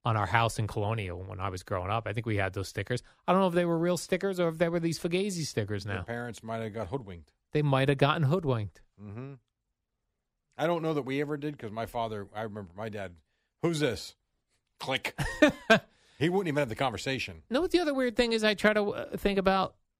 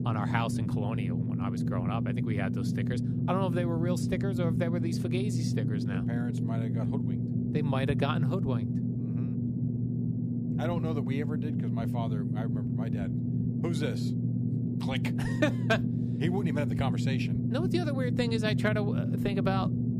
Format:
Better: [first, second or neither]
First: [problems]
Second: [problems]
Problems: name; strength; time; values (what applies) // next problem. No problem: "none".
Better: first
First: none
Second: low rumble; loud; throughout; 3 dB below the speech